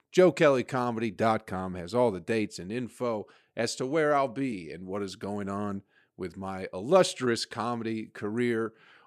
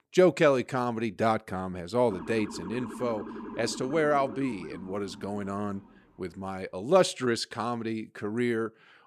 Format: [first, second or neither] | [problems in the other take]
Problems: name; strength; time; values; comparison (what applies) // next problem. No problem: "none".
first | siren; faint; from 2 to 6 s; peak 10 dB below the speech